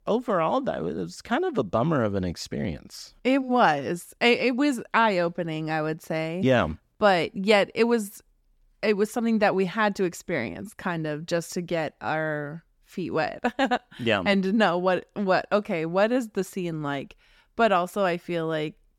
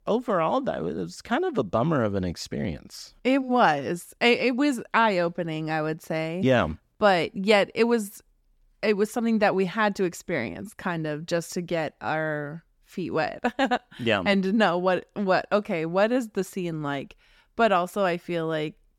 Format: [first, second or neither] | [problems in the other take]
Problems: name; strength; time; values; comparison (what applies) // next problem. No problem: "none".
neither | none